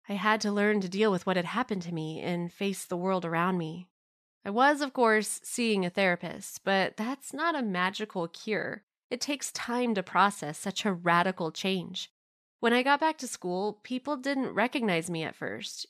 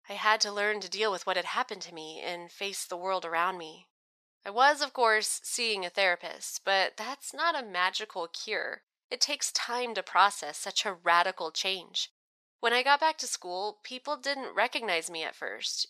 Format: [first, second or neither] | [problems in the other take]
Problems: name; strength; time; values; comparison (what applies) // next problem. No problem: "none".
first | thin; very; fading below 650 Hz